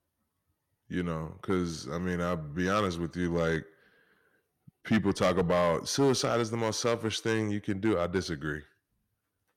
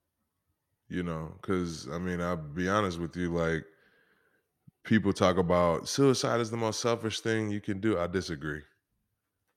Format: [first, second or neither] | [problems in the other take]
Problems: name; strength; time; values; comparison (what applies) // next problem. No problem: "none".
second | distortion; slight; 2% of the sound clipped